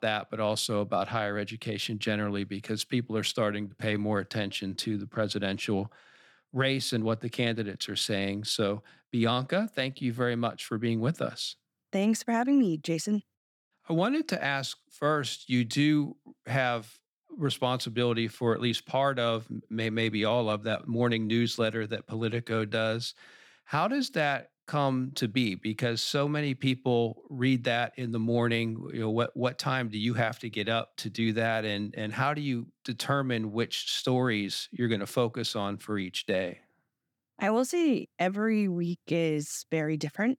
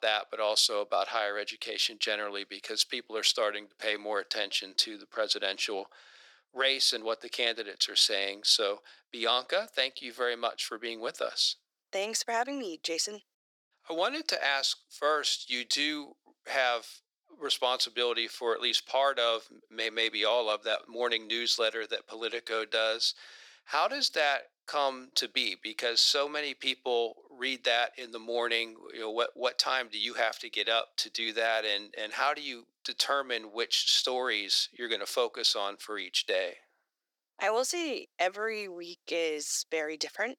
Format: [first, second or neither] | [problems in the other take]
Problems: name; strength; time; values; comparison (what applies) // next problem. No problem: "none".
first | thin; very; fading below 450 Hz